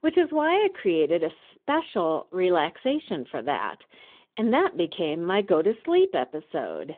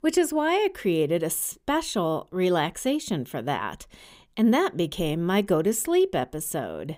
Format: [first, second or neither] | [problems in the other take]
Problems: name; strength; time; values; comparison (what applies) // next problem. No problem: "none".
second | phone-call audio